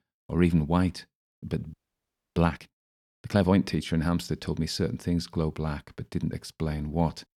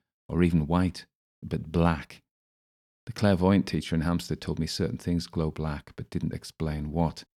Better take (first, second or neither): second